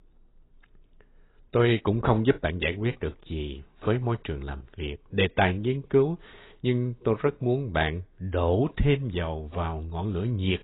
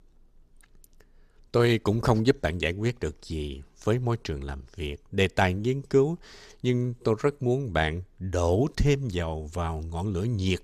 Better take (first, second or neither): second